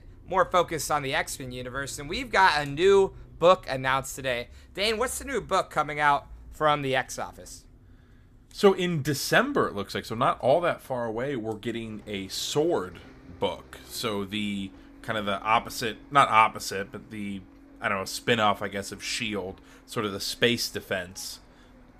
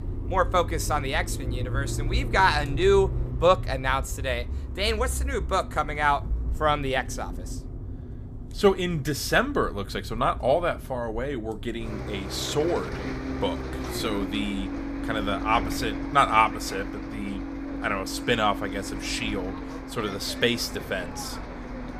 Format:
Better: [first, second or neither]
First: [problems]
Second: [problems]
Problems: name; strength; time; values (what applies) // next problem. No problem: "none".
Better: first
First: traffic noise; faint; throughout; 25 dB below the speech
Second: traffic noise; loud; throughout; 7 dB below the speech